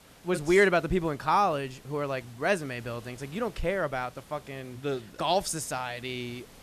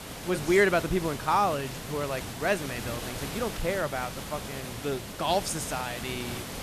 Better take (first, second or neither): first